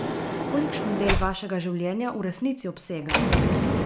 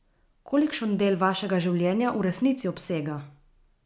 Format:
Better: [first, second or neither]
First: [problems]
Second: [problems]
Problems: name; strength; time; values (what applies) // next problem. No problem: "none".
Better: second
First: background sound (Sliding door); 3 dB above the speech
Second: none